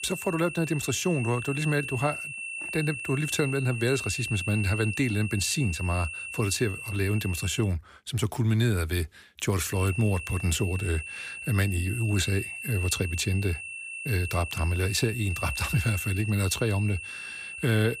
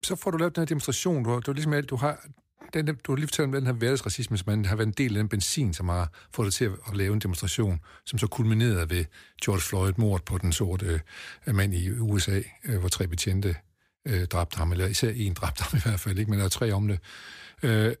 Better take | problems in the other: second | high-pitched whine; loud; until 7.5 s and from 9.5 s on; 2.5 kHz, 7 dB below the speech

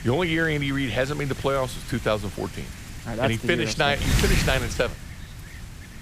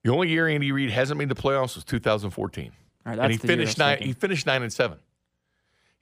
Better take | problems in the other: second | wind noise on the microphone; occasional gusts; 10 dB below the speech

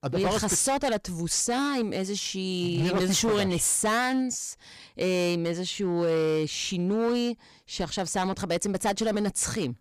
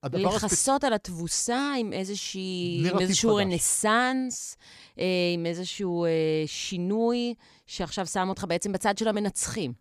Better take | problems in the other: second | distortion; slight; 10% of the sound clipped

